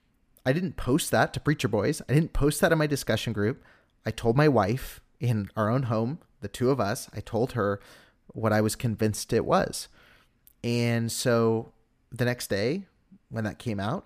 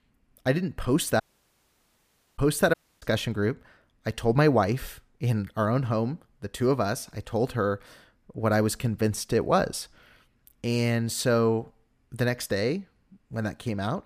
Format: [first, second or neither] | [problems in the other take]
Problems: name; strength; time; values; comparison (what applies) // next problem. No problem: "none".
first | audio cutting out; at 1 s for 1 s and at 2.5 s